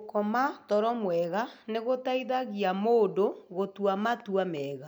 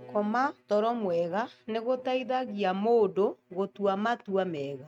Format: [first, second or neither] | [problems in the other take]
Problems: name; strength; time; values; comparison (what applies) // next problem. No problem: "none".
first | noise reduction (neural mask model RNNoise)